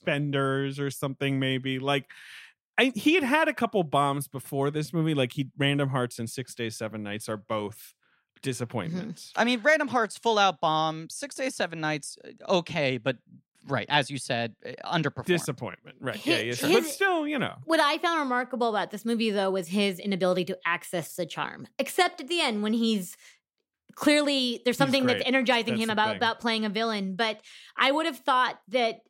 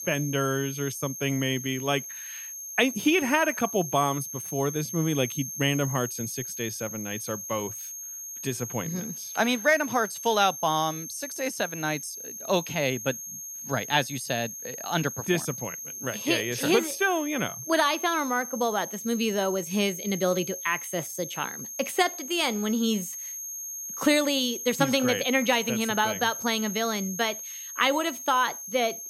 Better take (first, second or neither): first